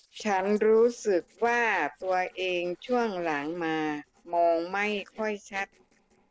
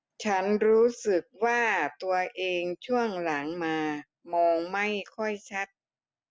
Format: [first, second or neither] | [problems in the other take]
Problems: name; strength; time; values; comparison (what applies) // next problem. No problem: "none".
second | noise reduction (neural separator model SepFormer DNS4)